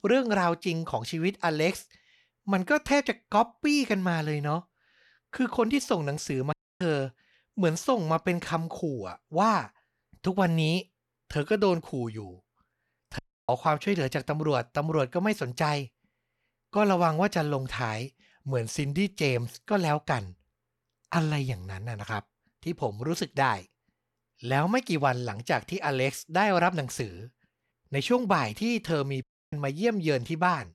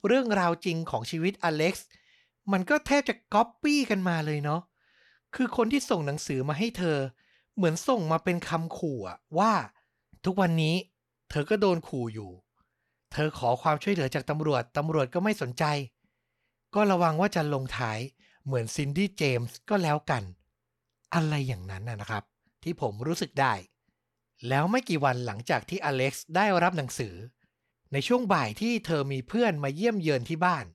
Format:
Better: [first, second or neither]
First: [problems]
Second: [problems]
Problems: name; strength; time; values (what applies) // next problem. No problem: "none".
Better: second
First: audio cutting out; at 6.5 s, at 13 s and at 29 s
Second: none